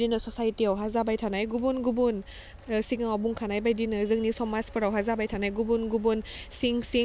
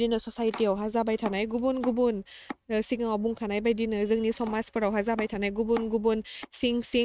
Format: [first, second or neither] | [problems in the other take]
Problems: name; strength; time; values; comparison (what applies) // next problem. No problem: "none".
first | noise reduction (neural mask model RNNoise)